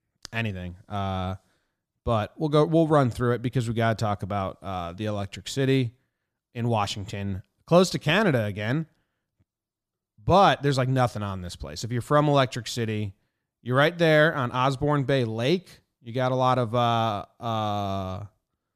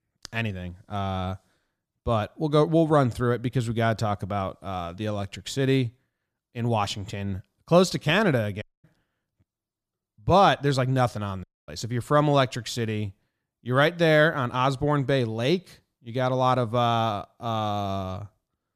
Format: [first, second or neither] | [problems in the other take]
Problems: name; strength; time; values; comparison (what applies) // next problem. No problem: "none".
first | audio cutting out; at 8.5 s and at 11 s